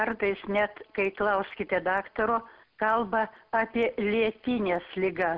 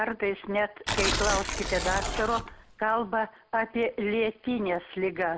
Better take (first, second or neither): first